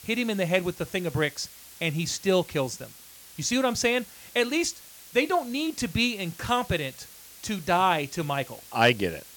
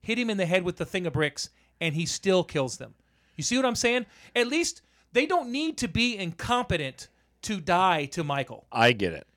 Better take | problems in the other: second | hiss; noticeable; throughout; 20 dB below the speech

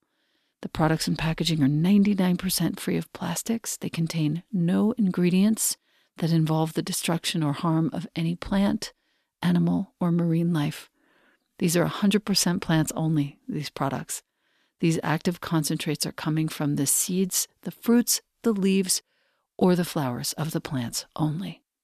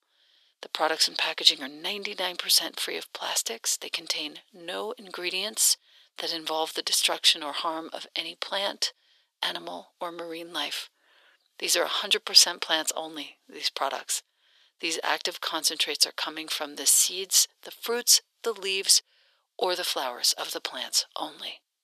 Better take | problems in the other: first | thin; very; fading below 450 Hz

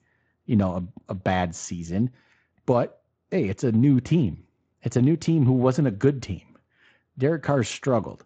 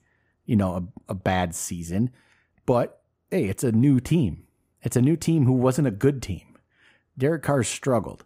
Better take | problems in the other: second | garbled, watery; slightly; nothing above 7.5 kHz

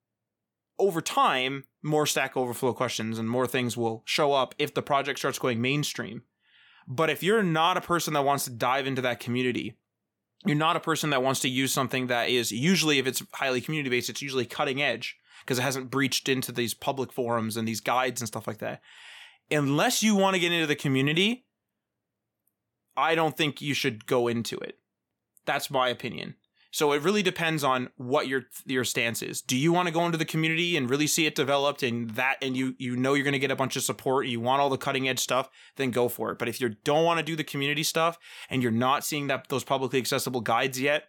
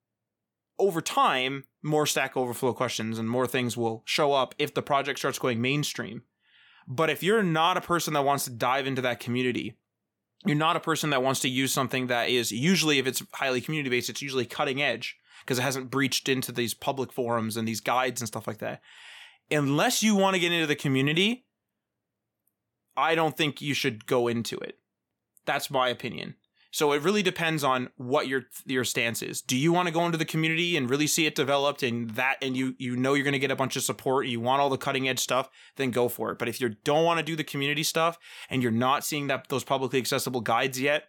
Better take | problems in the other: neither | none

